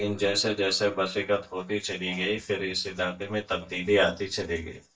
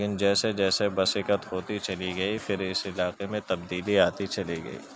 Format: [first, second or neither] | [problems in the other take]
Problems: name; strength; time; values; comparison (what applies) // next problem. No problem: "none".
second | noise reduction (neural mask model DeepFilterNet 3)